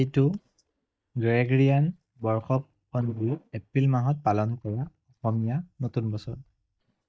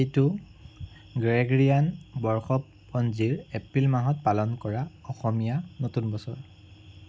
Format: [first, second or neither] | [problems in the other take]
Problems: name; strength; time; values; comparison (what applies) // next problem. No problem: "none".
second | noise reduction (neural mask model DeepFilterNet 3)